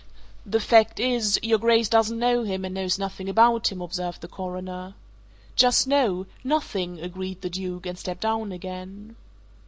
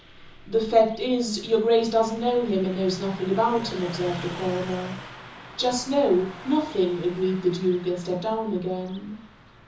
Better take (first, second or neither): first